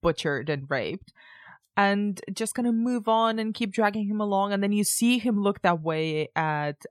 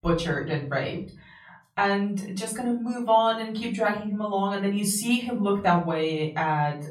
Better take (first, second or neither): first